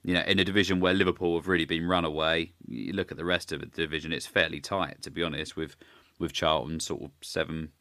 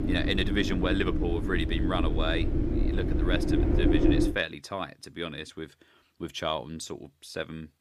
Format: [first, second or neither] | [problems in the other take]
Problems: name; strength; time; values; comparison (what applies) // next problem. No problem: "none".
first | wind noise on the microphone; heavy; until 4.5 s; 1 dB below the speech